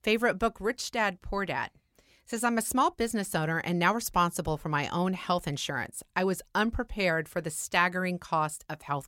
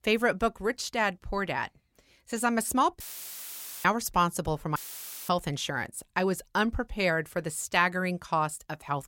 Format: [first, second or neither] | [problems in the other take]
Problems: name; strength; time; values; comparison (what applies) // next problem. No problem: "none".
first | audio cutting out; filled with static; at 3 s for 1 s and at 5 s for 0.5 s